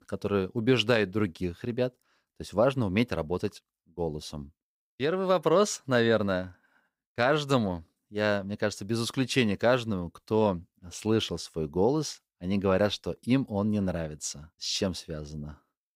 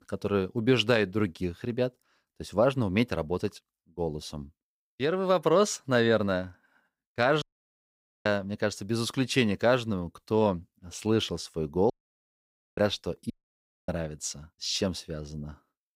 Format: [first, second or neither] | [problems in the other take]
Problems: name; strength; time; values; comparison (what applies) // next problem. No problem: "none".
first | audio cutting out; at 7.5 s for 1 s, at 12 s for 1 s and at 13 s for 0.5 s